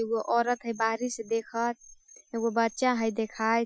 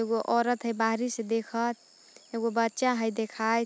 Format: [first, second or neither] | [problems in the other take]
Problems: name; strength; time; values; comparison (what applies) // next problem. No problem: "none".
second | noise reduction (classical method Wiener filter)